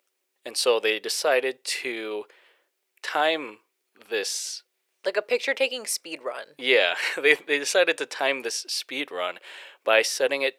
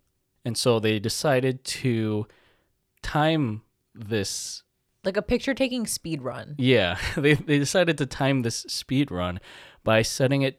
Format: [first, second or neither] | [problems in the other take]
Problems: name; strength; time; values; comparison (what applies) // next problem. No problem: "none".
second | thin; very; fading below 450 Hz